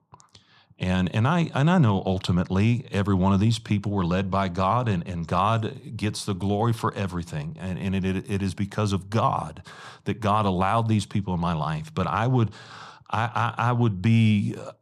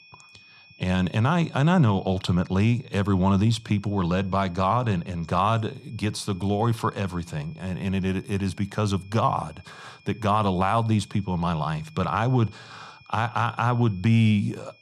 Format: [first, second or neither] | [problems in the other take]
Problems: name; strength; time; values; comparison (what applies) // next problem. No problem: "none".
first | high-pitched whine; faint; throughout; 2.5 kHz, 30 dB below the speech